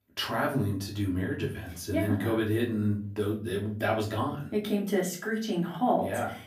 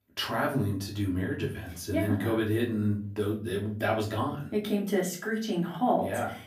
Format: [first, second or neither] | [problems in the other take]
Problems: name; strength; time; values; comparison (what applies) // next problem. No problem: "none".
neither | off-mic speech; far; the same in both // room echo; slight; dies away in 0.4 s; the same in both